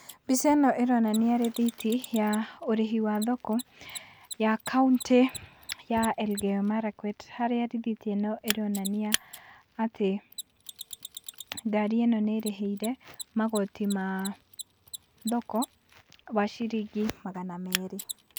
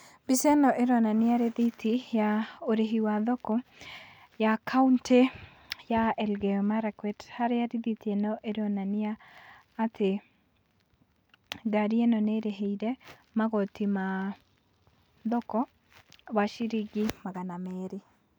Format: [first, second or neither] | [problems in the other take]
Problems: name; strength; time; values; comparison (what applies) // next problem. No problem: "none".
second | background sound (Mechanisms); 13 dB below the speech